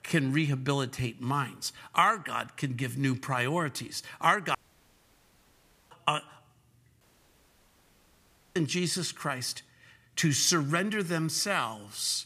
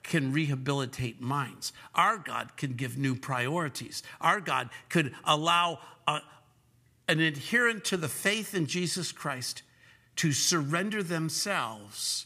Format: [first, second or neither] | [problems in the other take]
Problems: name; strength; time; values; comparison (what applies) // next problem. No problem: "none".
second | audio cutting out; at 4.5 s for 1.5 s and at 7 s for 1.5 s